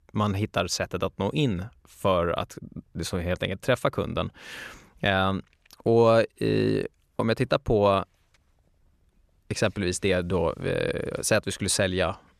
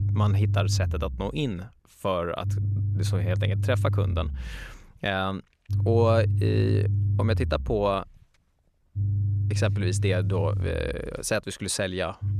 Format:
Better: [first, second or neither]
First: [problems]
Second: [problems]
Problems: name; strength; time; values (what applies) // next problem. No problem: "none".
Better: first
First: none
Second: low rumble; noticeable; throughout; 10 dB below the speech